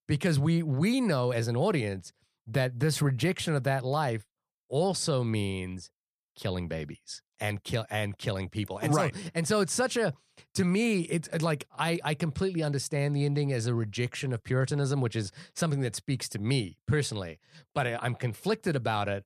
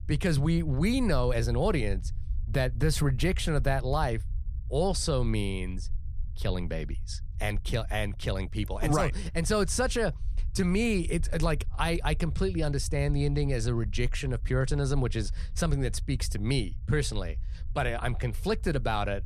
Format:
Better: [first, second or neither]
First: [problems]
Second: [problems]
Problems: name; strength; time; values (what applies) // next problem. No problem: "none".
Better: first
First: none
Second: low rumble; faint; throughout; 25 dB below the speech